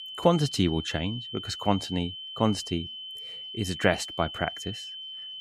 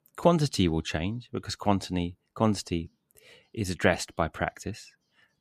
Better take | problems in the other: second | high-pitched whine; loud; throughout; 3 kHz, 8 dB below the speech

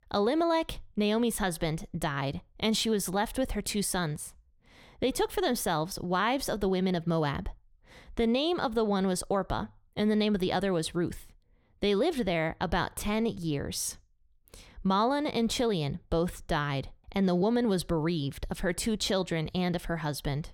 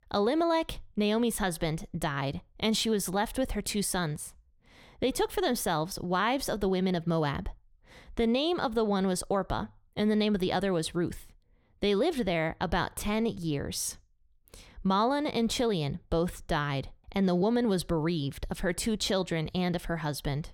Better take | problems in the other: neither | none

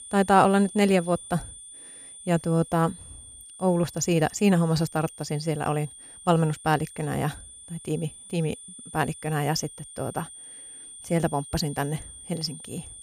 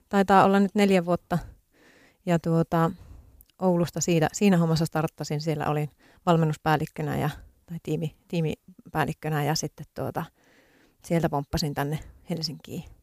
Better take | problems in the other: second | high-pitched whine; noticeable; throughout; 9 kHz, 15 dB below the speech

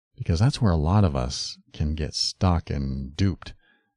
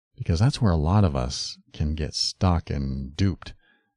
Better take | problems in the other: neither | none

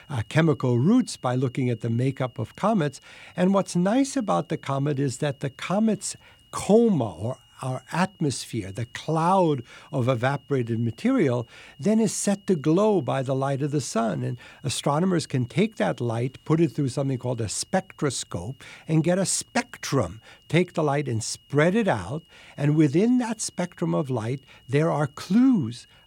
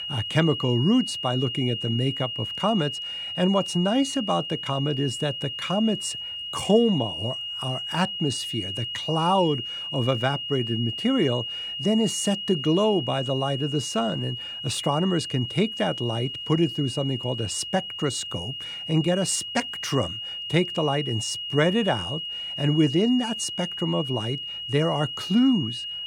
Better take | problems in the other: first | high-pitched whine; loud; throughout; 3 kHz, 5 dB below the speech; faint in the first

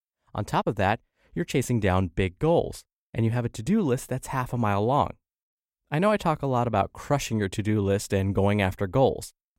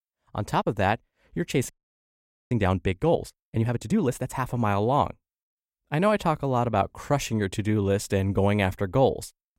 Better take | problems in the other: first | audio freezing; at 1.5 s for 1 s

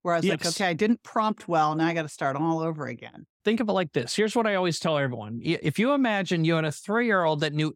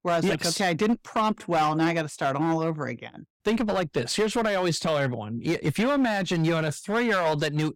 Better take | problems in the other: first | distortion; slight; 10% of the sound clipped

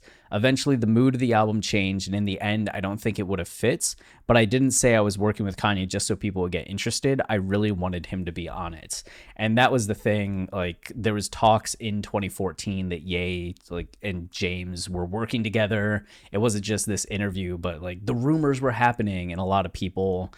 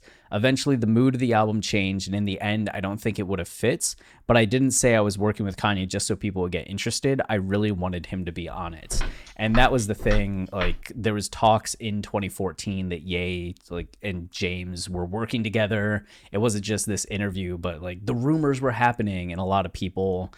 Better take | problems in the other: first | footsteps; noticeable; from 9 to 11 s; peak 7 dB below the speech

